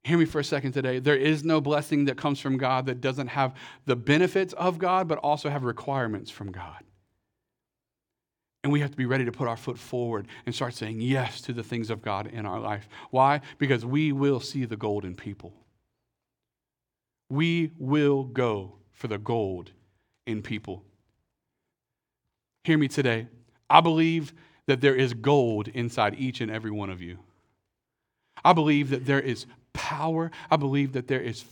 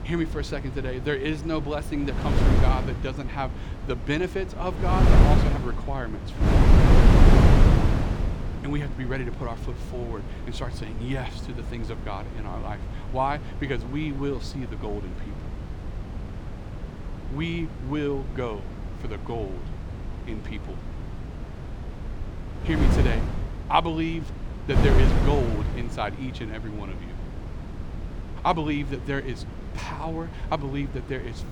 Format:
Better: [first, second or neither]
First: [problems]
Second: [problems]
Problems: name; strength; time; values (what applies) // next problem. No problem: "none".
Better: first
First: none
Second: wind noise on the microphone; heavy; 4 dB below the speech